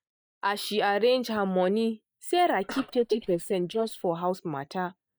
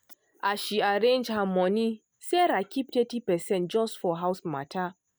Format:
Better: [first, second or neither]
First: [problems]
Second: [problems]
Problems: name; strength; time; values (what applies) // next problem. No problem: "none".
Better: second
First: noise reduction (neural mask model DeepFilterNet 3)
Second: none